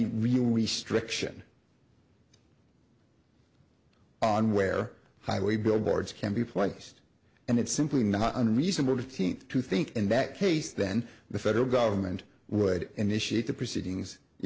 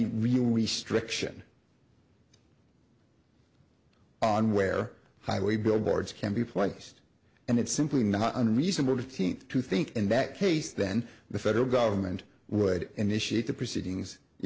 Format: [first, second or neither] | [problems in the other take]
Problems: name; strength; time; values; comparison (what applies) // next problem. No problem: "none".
second | background sound (Bass drum); 17 dB below the speech